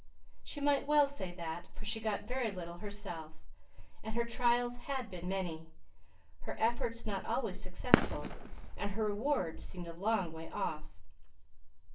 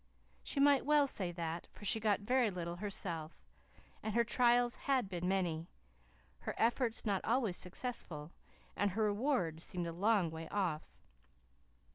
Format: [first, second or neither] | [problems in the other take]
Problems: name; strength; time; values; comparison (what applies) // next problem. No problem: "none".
second | background sound (Fireworks); 2 dB below the speech // room echo; dies away in 0.3 s